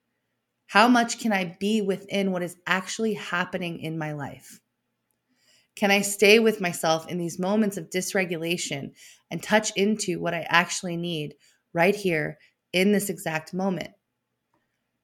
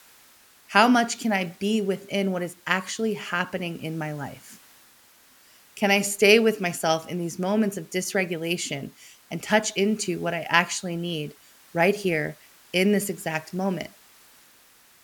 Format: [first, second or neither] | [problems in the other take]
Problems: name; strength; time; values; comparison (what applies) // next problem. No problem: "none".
first | hiss; faint; throughout; 30 dB below the speech